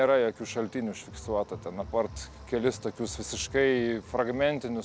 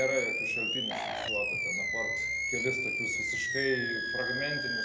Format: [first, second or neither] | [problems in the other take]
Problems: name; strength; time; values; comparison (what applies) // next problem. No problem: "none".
first | background sound (Animal); 4 dB above the speech // room echo; dies away in 0.9 s